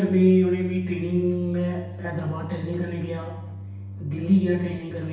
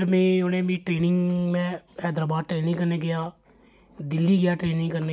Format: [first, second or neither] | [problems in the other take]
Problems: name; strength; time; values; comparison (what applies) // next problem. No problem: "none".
second | background sound (Organ); 12 dB below the speech // room echo; dies away in 0.9 s